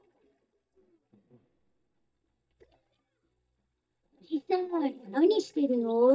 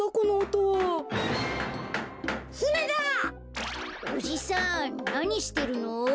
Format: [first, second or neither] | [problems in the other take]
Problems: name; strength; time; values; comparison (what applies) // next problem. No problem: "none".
second | noise reduction (neural mask model DeepFilterNet 3)